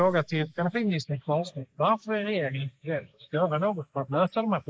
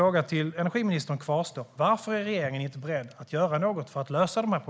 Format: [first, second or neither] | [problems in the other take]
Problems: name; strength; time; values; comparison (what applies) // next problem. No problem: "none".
second | noise reduction (neural mask model Resemble Enhance denoiser)